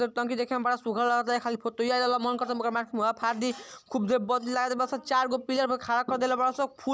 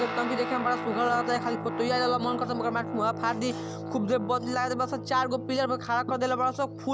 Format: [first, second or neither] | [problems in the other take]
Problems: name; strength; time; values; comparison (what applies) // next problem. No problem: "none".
first | background sound (Guitar); 7 dB below the speech